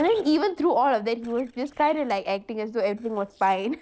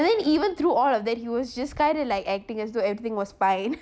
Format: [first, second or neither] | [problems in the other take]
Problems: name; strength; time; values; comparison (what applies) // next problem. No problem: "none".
second | noise reduction (neural separator model SepFormer DNS4)